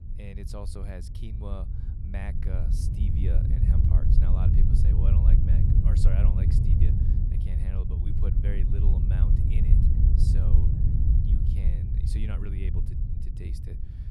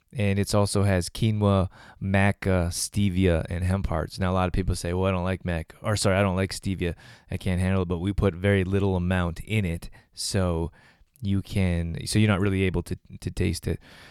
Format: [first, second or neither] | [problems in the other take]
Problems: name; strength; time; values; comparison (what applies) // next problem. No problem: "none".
second | wind noise on the microphone; heavy; 5 dB above the speech